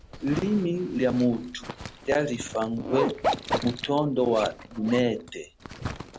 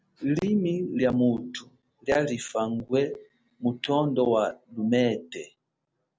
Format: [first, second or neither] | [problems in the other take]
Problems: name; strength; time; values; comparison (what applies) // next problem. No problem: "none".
second | background sound (Zipper (clothing)); 7 dB below the speech